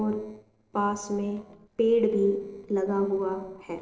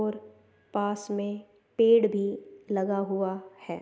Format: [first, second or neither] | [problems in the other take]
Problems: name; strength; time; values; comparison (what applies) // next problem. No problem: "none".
second | noise reduction (neural separator model SepFormer DNS4)